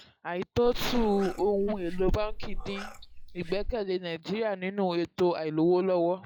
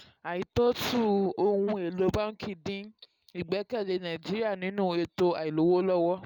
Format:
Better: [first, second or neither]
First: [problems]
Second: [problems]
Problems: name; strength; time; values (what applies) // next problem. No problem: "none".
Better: second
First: noise reduction (classical method log-MMSE)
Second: none